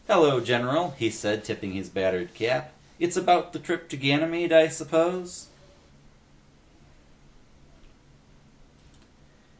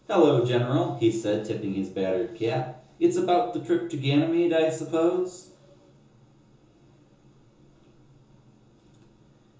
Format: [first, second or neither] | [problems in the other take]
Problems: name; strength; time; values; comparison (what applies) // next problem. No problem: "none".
first | room echo; dies away in 0.6 s